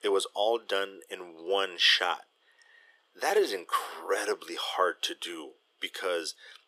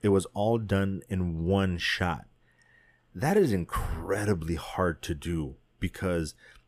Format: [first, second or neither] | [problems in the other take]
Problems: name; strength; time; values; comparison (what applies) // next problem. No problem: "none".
second | thin; very; fading below 400 Hz